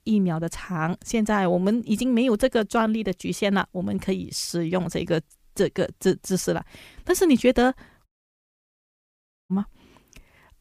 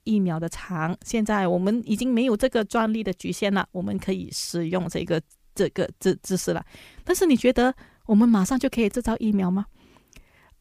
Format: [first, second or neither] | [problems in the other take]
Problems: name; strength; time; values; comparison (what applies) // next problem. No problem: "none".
second | audio cutting out; at 8 s for 1.5 s